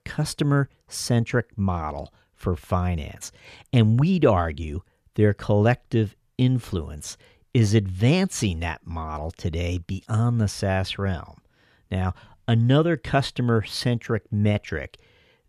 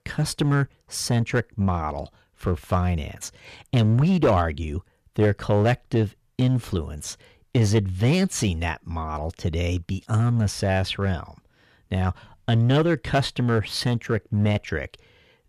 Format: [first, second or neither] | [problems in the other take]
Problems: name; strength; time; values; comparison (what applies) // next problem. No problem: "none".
first | distortion; slight; 4% of the sound clipped